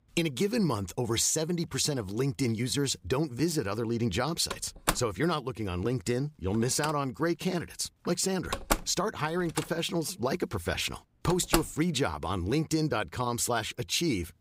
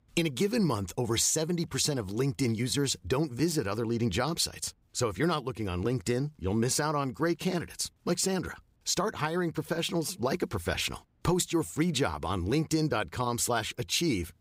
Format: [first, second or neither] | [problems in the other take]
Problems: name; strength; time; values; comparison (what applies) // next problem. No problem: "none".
second | door banging; noticeable; from 4.5 to 12 s; peak 1 dB below the speech